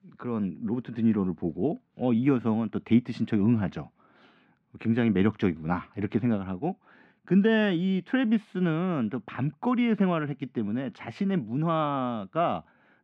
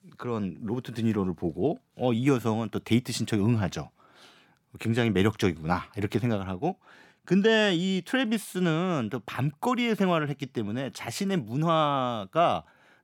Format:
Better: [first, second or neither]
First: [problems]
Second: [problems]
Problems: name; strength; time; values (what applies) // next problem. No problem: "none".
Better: second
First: muffled; slightly; fading above 2 kHz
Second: none